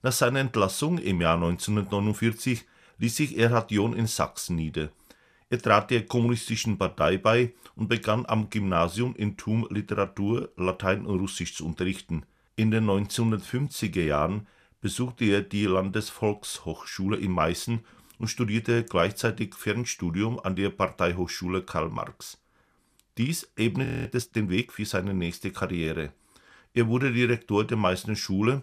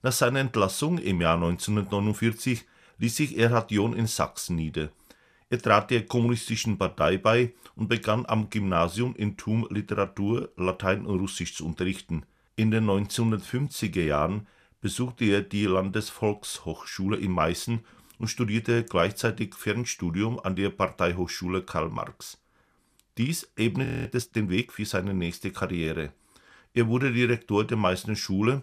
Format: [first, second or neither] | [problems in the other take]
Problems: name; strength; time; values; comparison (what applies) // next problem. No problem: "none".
neither | audio freezing; at 24 s; the same in both